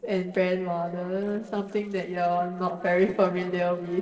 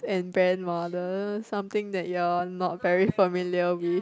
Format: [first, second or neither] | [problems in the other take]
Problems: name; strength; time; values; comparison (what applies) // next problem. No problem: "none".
second | noise reduction (neural separator model SepFormer DNS4)